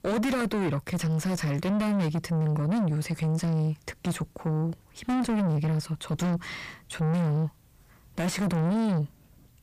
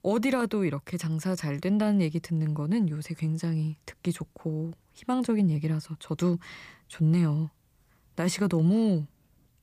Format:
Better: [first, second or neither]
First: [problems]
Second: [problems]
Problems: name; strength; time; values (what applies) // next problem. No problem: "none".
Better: second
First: distortion; heavy; 5 dB below the speech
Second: none